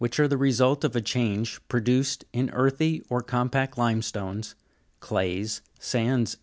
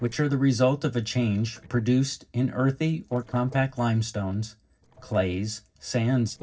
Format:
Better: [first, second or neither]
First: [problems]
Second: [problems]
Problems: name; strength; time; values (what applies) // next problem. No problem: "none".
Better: first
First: none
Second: noise reduction (neural separator model SepFormer DNS4)